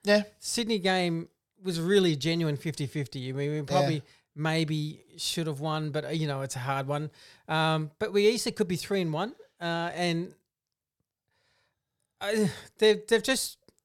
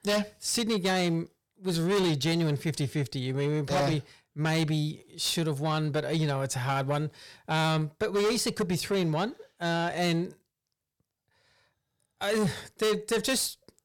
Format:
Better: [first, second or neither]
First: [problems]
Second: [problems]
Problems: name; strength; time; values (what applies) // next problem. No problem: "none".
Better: first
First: none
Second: distortion; heavy; 7 dB below the speech